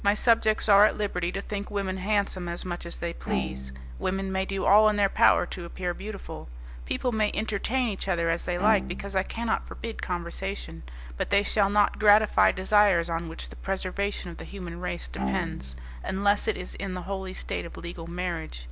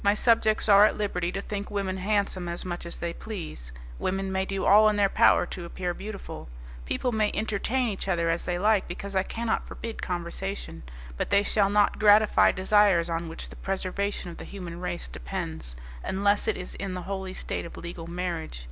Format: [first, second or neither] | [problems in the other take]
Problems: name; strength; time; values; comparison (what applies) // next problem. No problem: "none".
second | background sound (Bowed string instrument); 12 dB below the speech